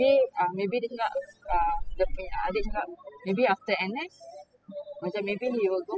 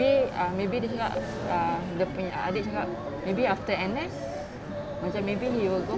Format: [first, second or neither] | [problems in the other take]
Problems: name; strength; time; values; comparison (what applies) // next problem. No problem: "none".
second | noise reduction (classical method spectral subtraction)